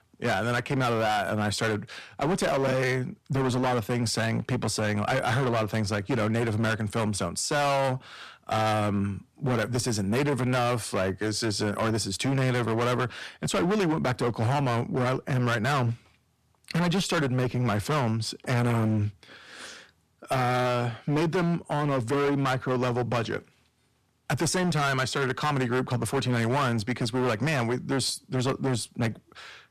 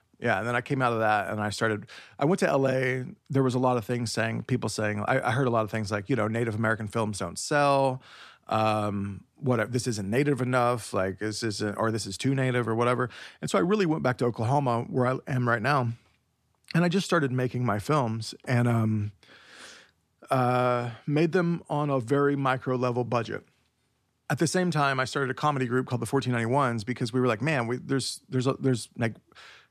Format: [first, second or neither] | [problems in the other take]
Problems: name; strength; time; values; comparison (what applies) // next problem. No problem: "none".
second | distortion; heavy; 20% of the sound clipped